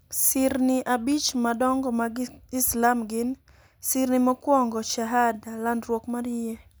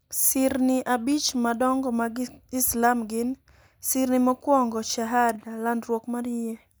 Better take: first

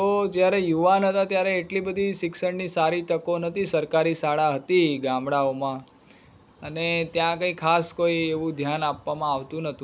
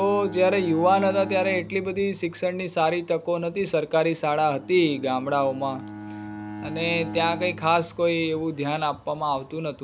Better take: first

